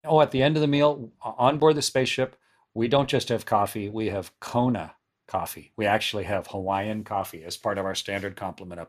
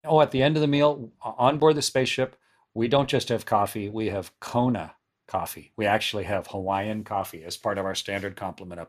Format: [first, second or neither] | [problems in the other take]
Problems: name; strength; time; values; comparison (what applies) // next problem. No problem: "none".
neither | none